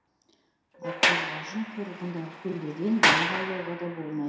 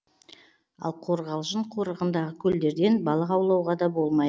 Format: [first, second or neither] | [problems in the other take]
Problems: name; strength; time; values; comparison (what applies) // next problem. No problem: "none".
second | background sound (Sliding door); 4 dB above the speech // room echo; dies away in 0.7 s